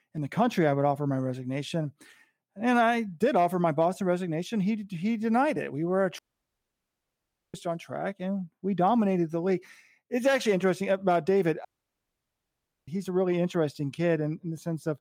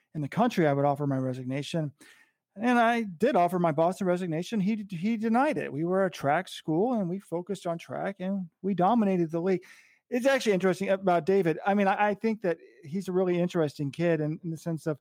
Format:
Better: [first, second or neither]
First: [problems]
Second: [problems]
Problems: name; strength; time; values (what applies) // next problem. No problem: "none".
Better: second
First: audio cutting out; at 6 s for 1.5 s and at 12 s for 1 s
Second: none